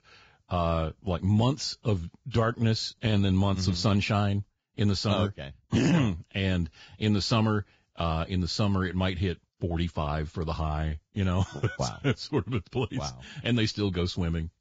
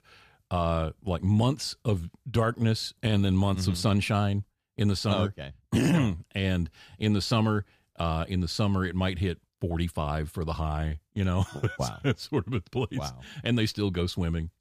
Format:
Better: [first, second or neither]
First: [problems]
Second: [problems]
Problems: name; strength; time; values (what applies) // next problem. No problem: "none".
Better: second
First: garbled, watery; badly; nothing above 7.5 kHz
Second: none